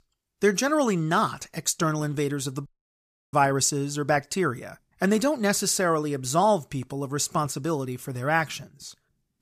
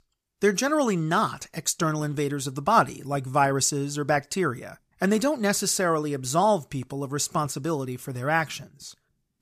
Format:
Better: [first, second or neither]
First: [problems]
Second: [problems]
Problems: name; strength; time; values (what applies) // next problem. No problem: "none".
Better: second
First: audio cutting out; at 2.5 s for 0.5 s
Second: none